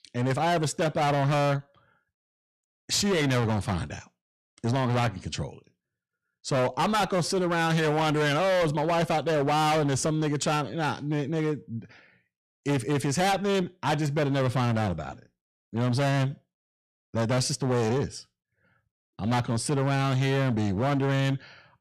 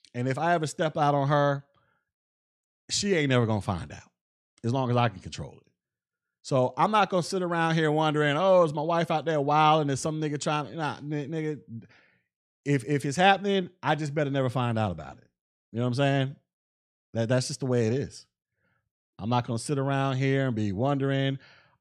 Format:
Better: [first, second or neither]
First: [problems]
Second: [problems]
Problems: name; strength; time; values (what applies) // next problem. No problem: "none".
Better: second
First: distortion; heavy; 20% of the sound clipped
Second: none